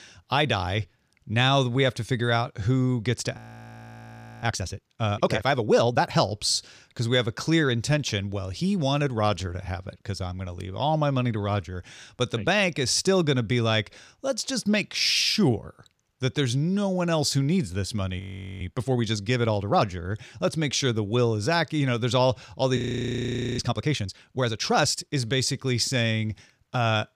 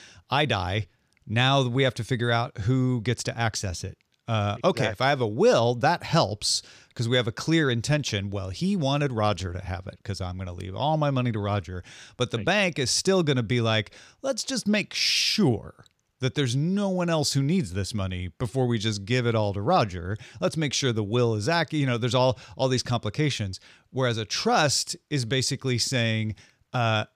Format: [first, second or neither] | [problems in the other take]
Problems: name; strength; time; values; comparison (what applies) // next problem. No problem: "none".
second | audio freezing; at 3.5 s for 1 s, at 18 s and at 23 s for 1 s